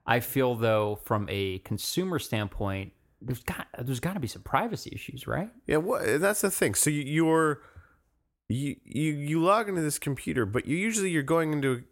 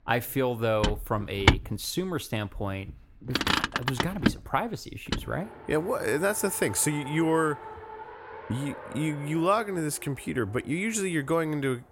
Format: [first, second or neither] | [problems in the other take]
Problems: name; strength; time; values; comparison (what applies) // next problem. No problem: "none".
first | traffic noise; loud; throughout; 2 dB below the speech